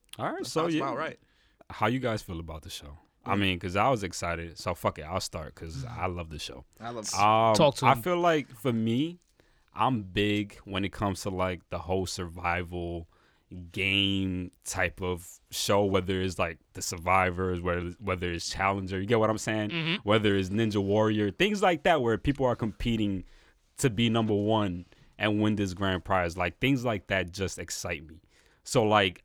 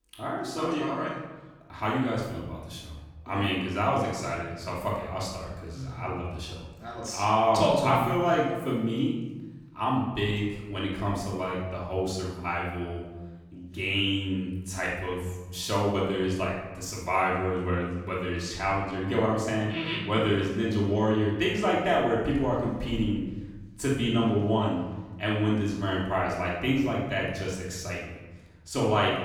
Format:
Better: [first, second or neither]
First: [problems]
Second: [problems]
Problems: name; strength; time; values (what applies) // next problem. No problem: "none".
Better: first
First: none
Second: off-mic speech; far // room echo; noticeable; dies away in 1.1 s